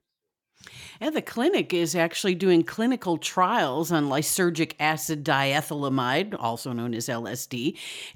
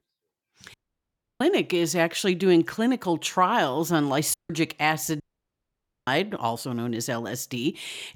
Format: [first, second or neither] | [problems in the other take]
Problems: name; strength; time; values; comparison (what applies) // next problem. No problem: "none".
first | audio cutting out; at 0.5 s for 0.5 s, at 4.5 s and at 5 s for 1 s